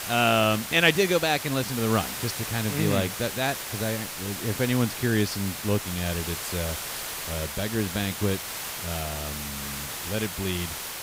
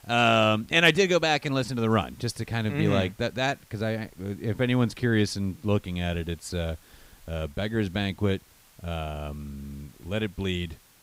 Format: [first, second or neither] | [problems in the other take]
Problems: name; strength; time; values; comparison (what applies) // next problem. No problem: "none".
second | hiss; loud; throughout; 5 dB below the speech; faint in the second